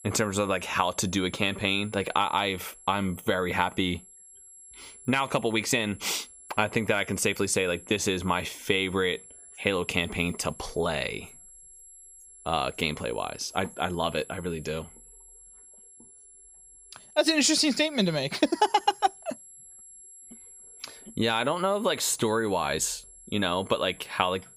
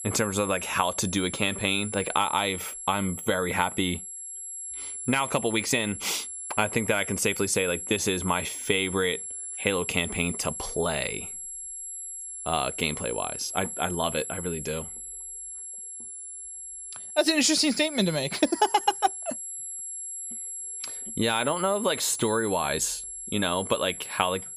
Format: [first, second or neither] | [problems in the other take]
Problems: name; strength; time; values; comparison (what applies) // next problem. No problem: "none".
first | high-pitched whine; loud; throughout; 11 kHz, 8 dB below the speech; faint in the first